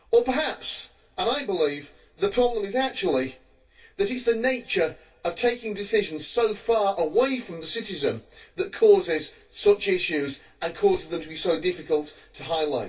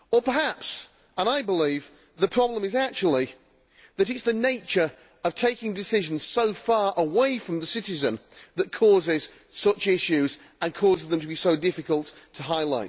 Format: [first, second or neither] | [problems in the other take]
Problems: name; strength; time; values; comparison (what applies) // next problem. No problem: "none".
second | room echo; dies away in 0.2 s